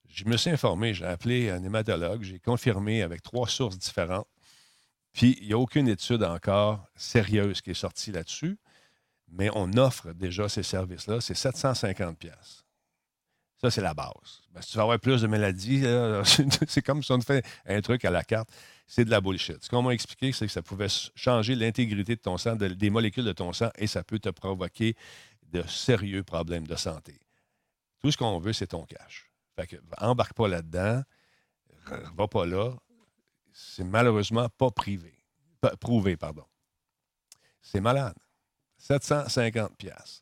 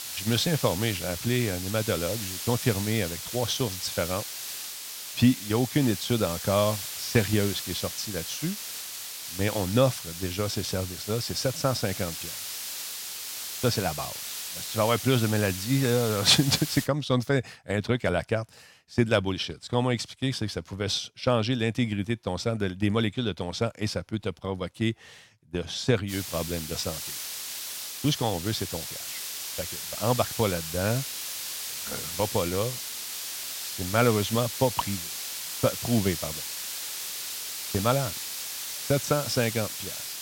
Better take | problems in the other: first | hiss; loud; until 17 s and from 26 s on; 6 dB below the speech

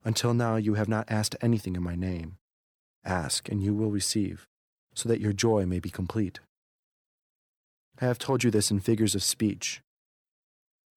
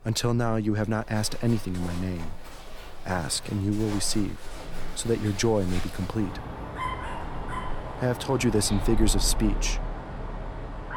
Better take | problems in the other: first | animal sounds; loud; throughout; 9 dB below the speech

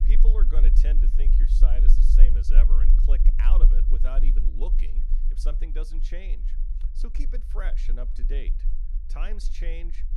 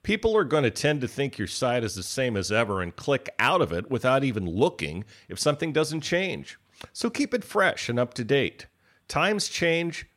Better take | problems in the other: second | low rumble; loud; throughout; 7 dB below the speech

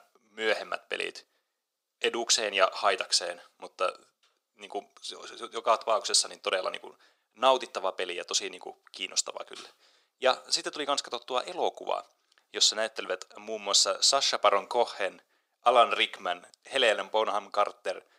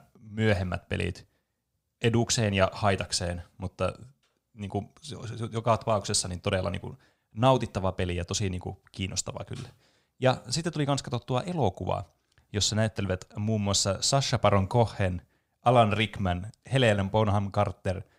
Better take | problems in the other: second | thin; very; fading below 350 Hz

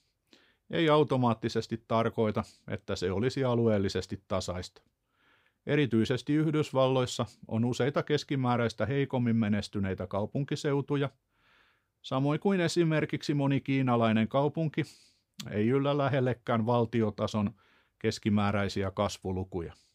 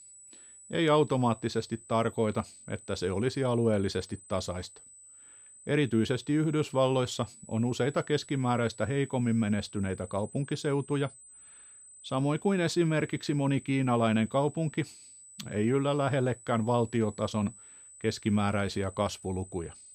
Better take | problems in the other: first | high-pitched whine; noticeable; throughout; 8 kHz, 20 dB below the speech

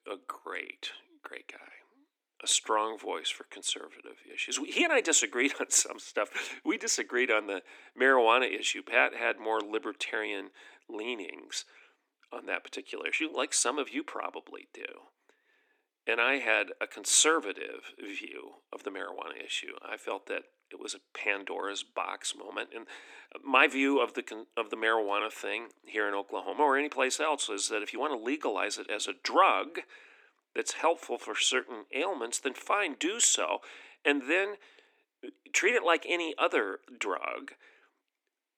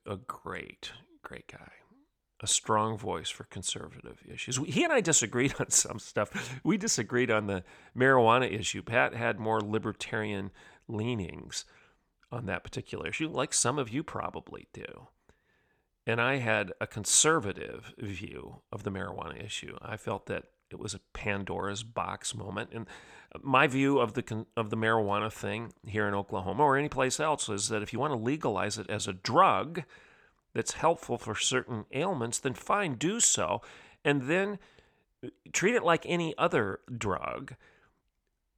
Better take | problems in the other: second | thin; very slightly; fading below 250 Hz

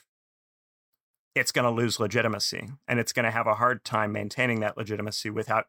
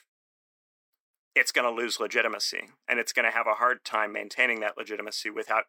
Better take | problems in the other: first | thin; somewhat; fading below 300 Hz

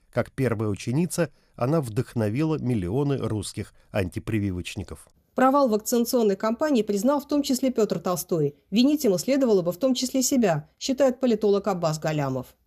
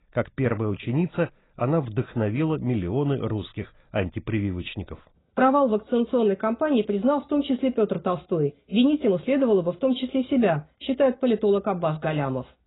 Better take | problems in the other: first | garbled, watery; badly; nothing above 4 kHz

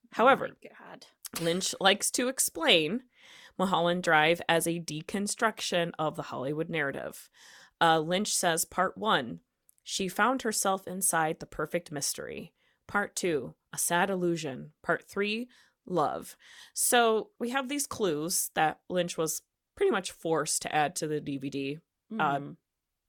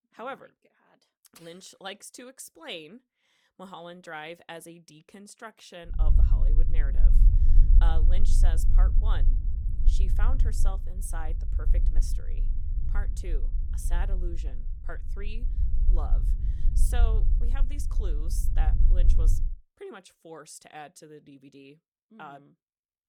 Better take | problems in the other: first | low rumble; loud; from 6 to 19 s; 7 dB below the speech

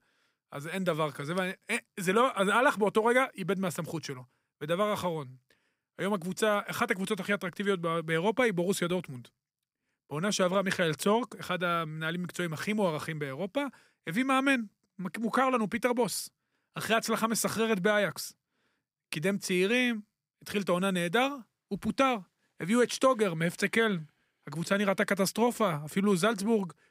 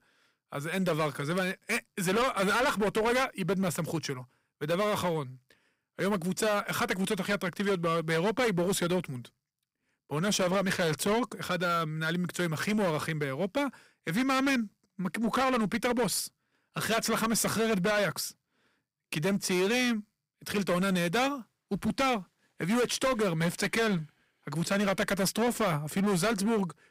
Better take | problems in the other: first | distortion; heavy; 14% of the sound clipped

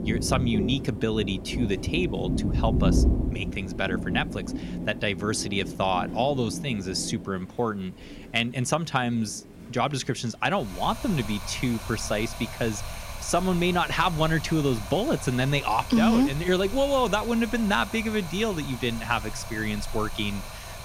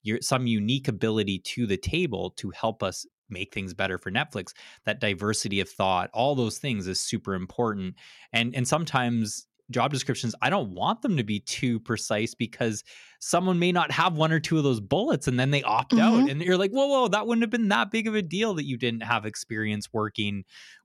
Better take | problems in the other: second | rain or running water; loud; throughout; 6 dB below the speech

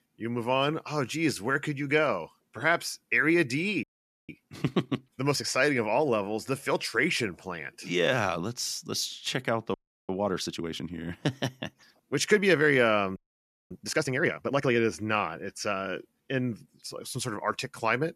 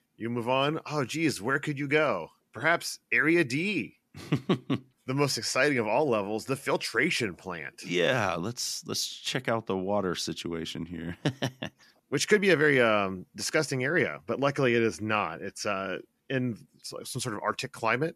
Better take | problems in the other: second | audio freezing; at 4 s, at 9.5 s and at 13 s for 0.5 s

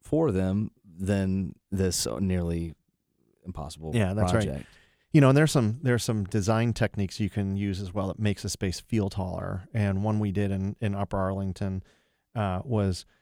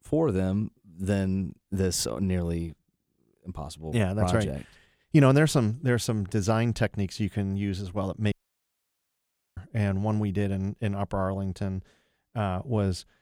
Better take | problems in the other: first | audio cutting out; at 8.5 s for 1.5 s

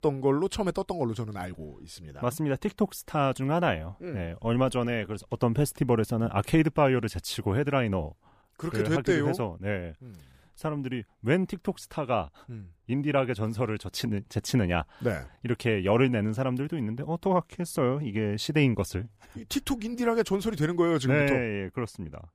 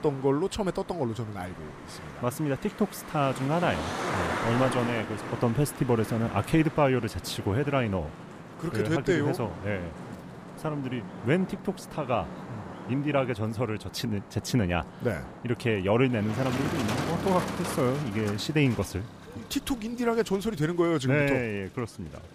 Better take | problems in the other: first | traffic noise; loud; throughout; 9 dB below the speech

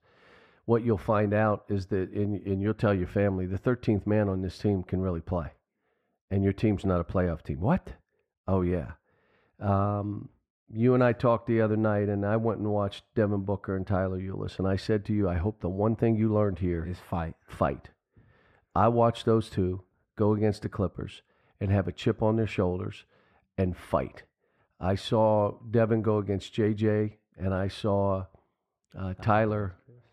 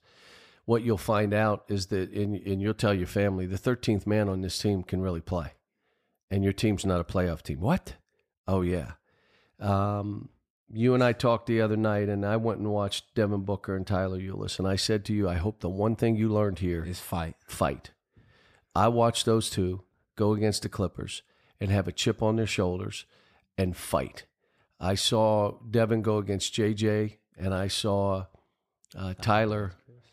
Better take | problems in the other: second | muffled; slightly; fading above 3 kHz

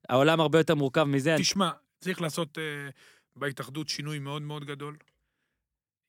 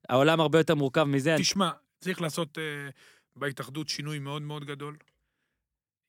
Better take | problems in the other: neither | none

